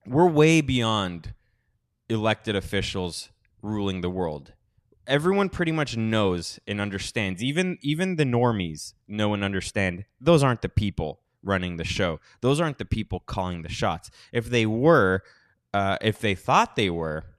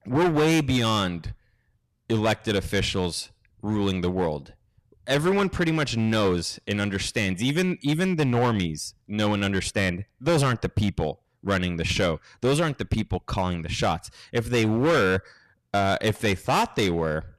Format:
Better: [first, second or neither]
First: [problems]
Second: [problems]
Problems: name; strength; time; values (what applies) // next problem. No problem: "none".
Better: first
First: none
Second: distortion; heavy; 9% of the sound clipped